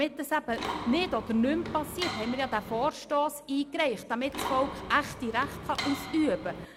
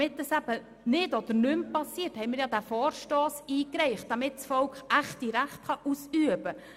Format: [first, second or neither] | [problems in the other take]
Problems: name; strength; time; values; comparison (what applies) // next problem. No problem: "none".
second | background sound (Mechanisms); 8 dB below the speech